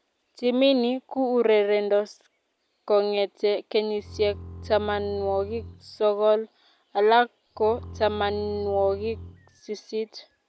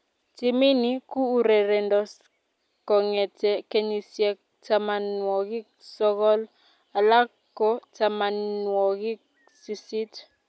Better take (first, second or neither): second